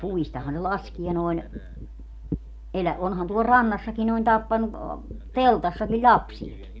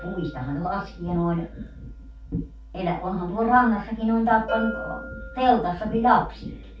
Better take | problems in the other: first | background sound (Bell); 16 dB below the speech // room echo; dies away in 0.3 s

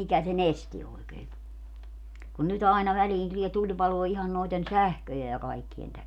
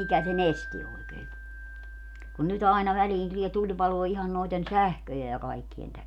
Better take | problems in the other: first | background sound (Wind chime); 17 dB below the speech

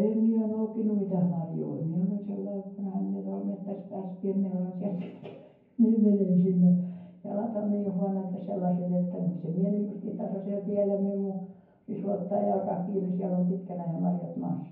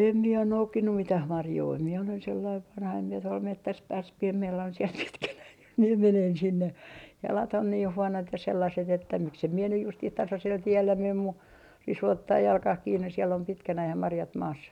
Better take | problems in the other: second | room echo; dies away in 0.9 s

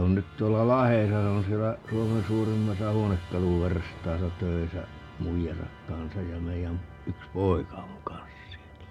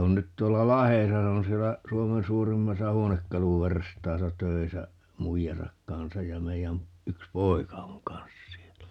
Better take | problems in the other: second | background sound (Musical instrument); 17 dB below the speech

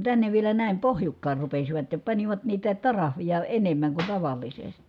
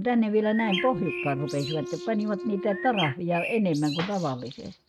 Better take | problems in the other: first | noise reduction (neural mask model RNNoise)

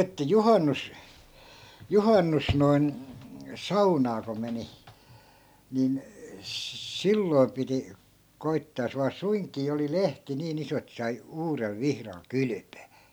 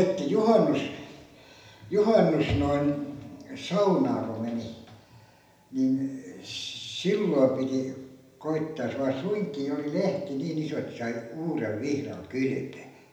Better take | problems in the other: first | room echo; dies away in 0.8 s

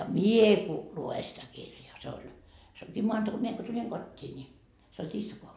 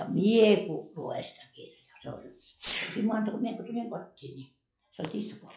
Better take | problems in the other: first | noise reduction (classical method log-MMSE)

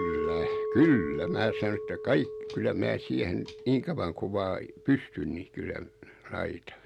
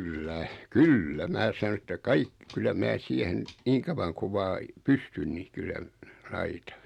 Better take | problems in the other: second | background sound (Chink, clink); 7 dB below the speech

